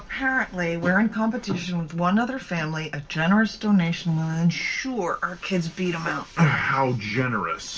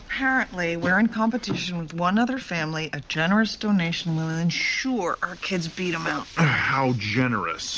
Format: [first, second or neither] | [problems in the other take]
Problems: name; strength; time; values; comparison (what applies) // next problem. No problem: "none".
second | room echo; dies away in 0.2 s